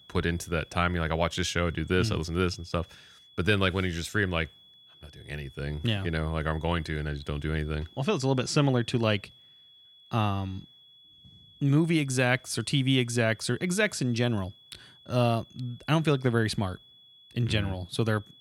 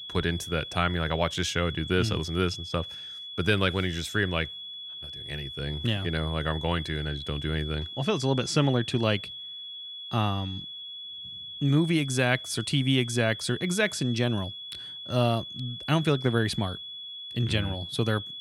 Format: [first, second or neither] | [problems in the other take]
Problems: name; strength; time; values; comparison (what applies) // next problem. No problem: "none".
first | high-pitched whine; loud; throughout; 3.5 kHz, 9 dB below the speech; faint in the first